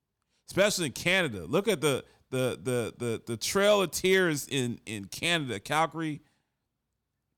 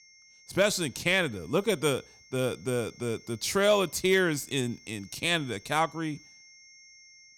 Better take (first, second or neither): first